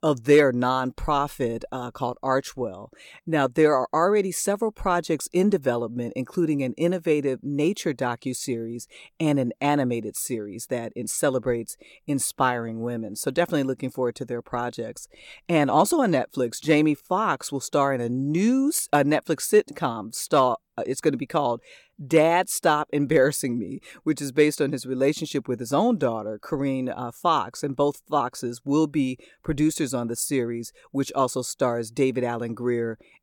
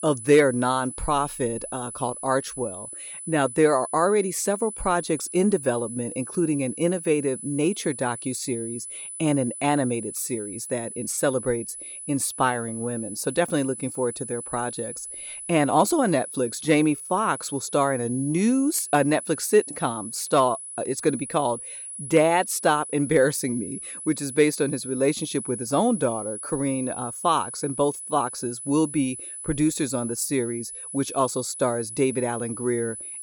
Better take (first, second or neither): first